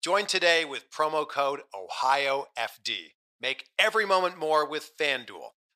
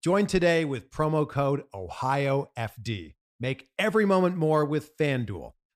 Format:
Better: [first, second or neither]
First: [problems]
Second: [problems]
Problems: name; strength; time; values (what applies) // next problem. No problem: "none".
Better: second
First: thin; very; fading below 750 Hz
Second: none